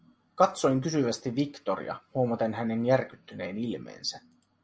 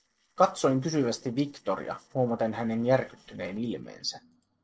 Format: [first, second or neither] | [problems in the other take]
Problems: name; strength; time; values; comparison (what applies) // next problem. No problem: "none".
first | noise reduction (neural separator model SepFormer DNS4)